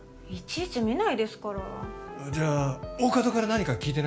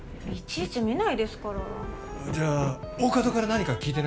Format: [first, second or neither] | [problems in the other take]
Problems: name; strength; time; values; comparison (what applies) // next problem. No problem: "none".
first | background sound (Train); 11 dB below the speech